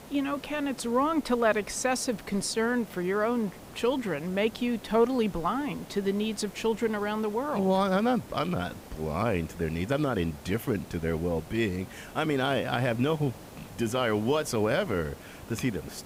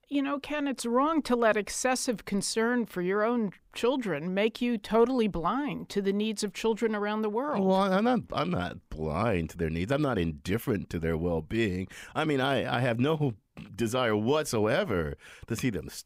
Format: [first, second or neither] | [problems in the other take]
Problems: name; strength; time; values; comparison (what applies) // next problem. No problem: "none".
second | hiss; noticeable; throughout; 20 dB below the speech